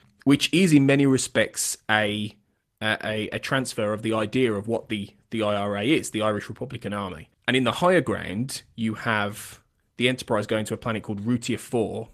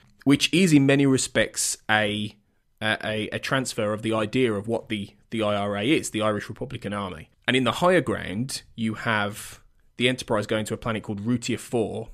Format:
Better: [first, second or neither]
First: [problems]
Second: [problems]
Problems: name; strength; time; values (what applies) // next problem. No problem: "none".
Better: second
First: garbled, watery; slightly; nothing above 14.5 kHz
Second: none